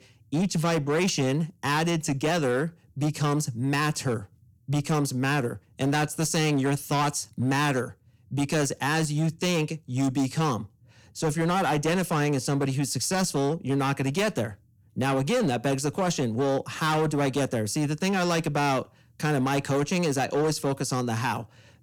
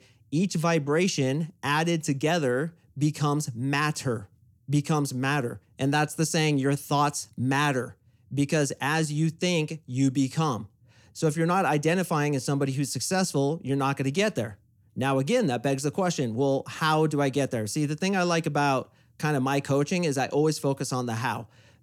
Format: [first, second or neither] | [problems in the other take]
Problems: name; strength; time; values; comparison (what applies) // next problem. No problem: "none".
second | distortion; slight; 14% of the sound clipped